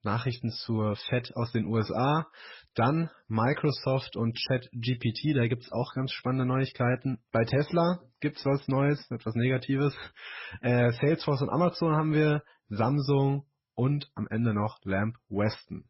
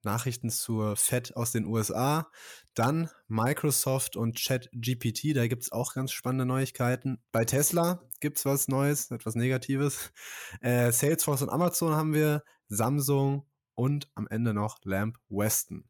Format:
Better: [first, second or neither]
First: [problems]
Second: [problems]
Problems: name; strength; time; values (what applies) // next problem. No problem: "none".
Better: second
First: garbled, watery; badly; nothing above 5.5 kHz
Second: none